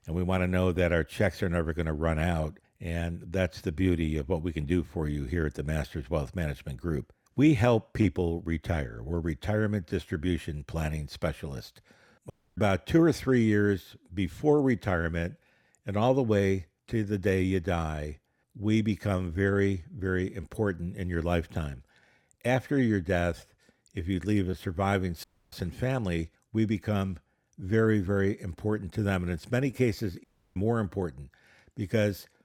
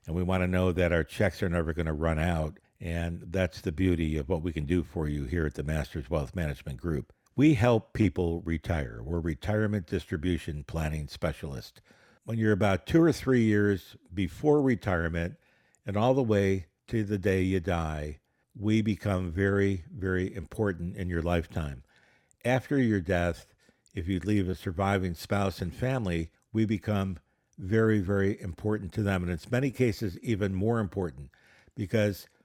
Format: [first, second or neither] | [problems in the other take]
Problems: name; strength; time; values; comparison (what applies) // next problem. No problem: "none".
second | audio cutting out; at 12 s, at 25 s and at 30 s